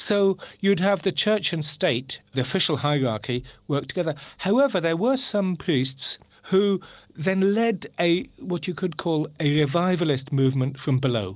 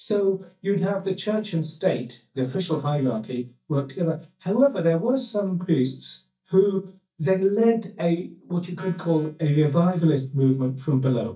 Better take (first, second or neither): first